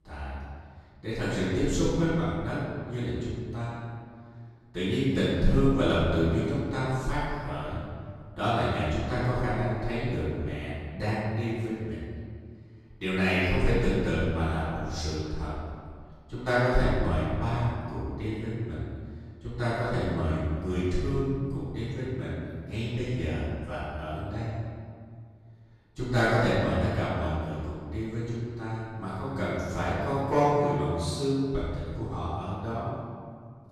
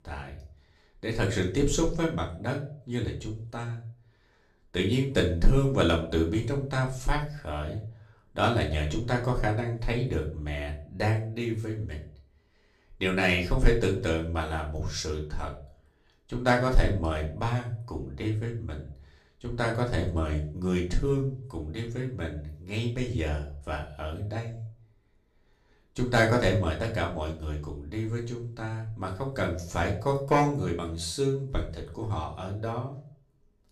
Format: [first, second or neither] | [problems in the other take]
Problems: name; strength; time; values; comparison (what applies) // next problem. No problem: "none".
second | room echo; strong; dies away in 1.9 s; slight in the second // off-mic speech; far; far in the second